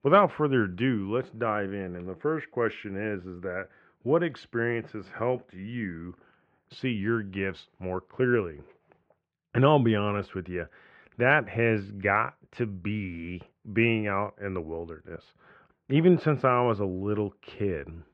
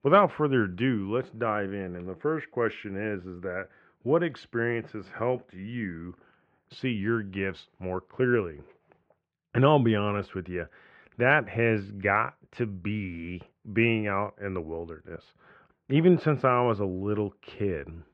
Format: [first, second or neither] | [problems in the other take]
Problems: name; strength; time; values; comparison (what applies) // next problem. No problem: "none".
neither | muffled; very; fading above 2 kHz; the same in both